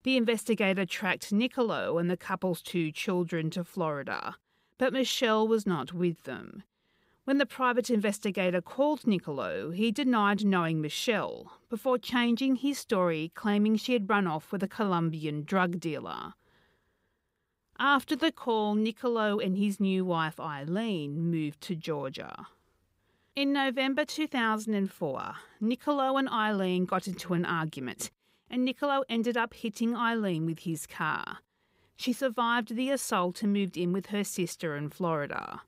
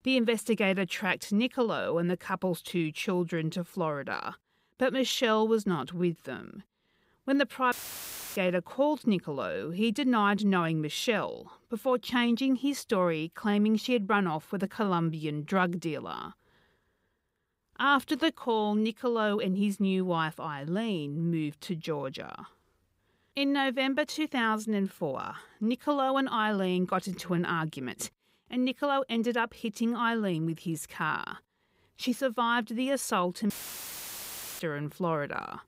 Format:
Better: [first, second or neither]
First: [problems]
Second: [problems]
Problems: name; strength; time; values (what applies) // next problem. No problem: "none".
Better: first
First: none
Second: audio cutting out; filled with static; at 7.5 s for 0.5 s and at 34 s for 1 s